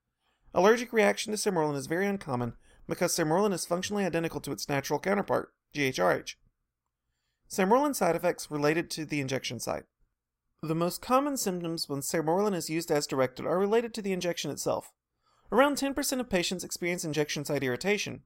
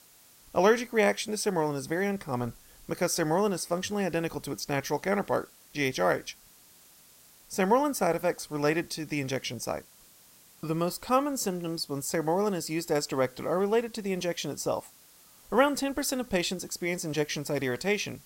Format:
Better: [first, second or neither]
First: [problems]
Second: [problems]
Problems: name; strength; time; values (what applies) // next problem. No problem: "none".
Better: first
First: none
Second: hiss; faint; throughout; 25 dB below the speech